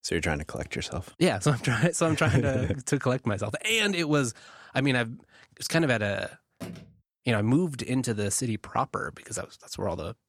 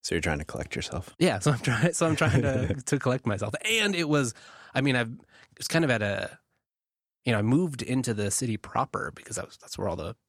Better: second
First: phone ringing; faint; at 6.5 s; peak 15 dB below the speech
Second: none

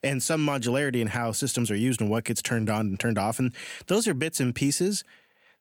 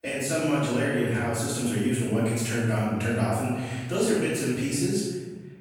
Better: first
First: none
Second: off-mic speech; far // room echo; strong; dies away in 1.3 s

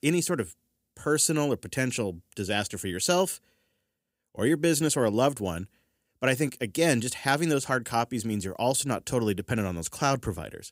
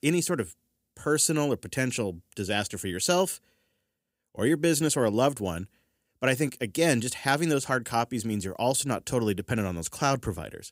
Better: neither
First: none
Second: none

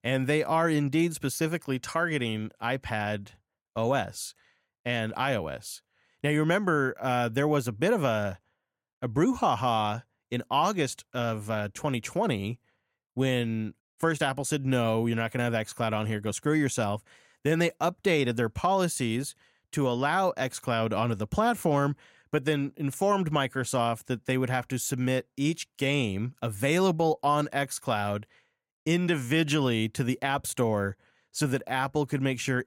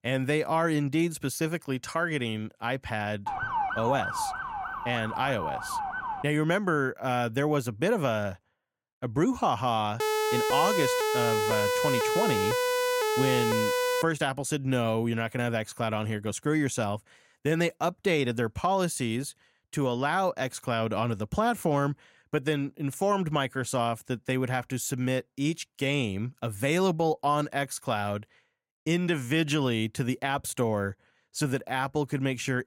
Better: first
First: none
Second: siren; noticeable; from 3.5 to 6 s; peak level with the speech // siren; loud; from 10 to 14 s; peak 3 dB above the speech

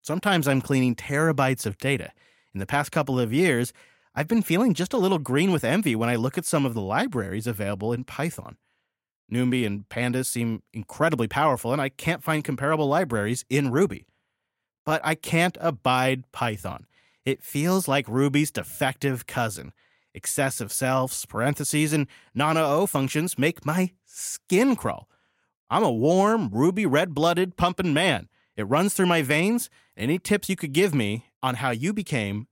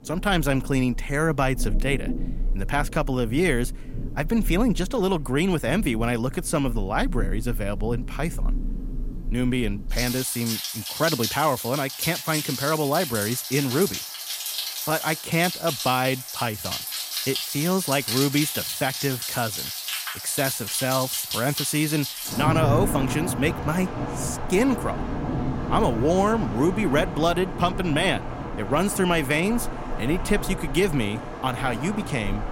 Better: first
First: none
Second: rain or running water; loud; throughout; 5 dB below the speech

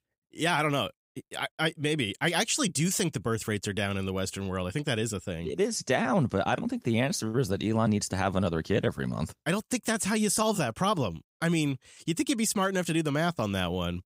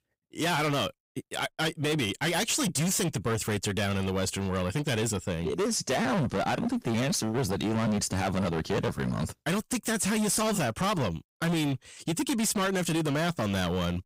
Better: first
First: none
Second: distortion; heavy; 24% of the sound clipped

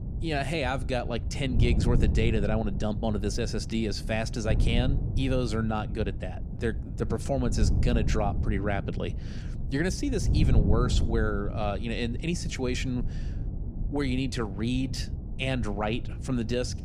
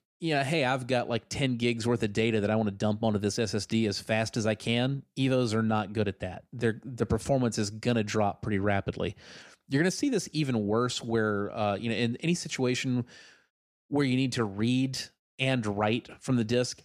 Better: second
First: wind noise on the microphone; occasional gusts; 10 dB below the speech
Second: none

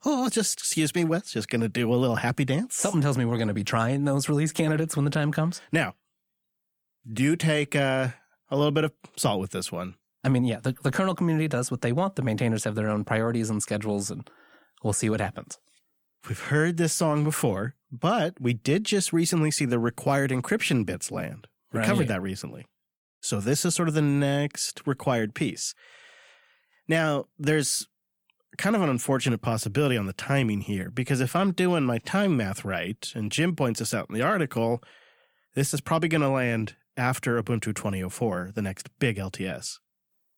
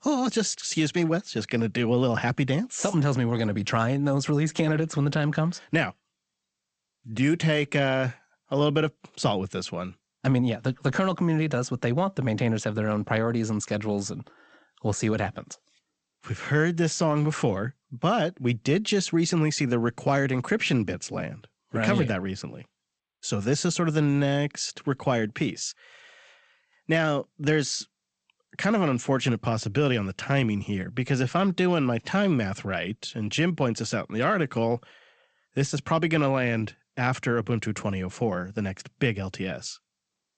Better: first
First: none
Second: garbled, watery; slightly; nothing above 8 kHz

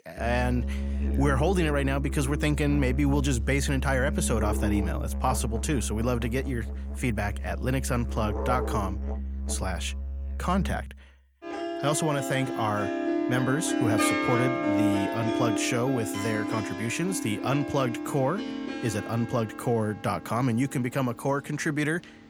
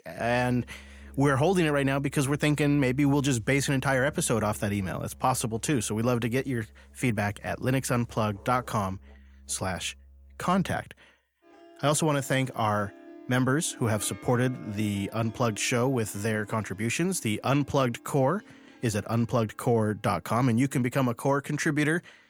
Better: second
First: background music; loud; throughout; 2 dB below the speech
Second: background music; faint; throughout; 25 dB below the speech

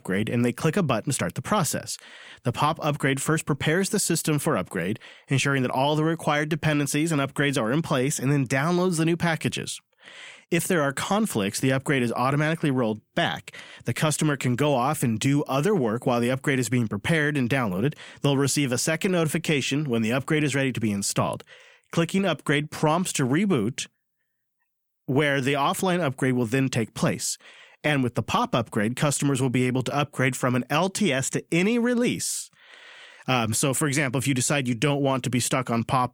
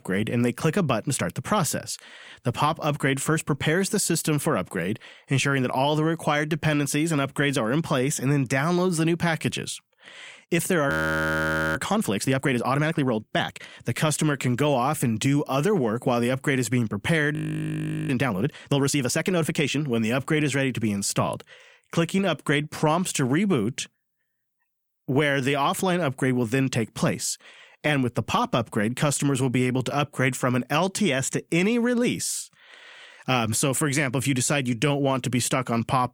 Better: first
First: none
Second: audio freezing; at 11 s for 1 s and at 17 s for 0.5 s

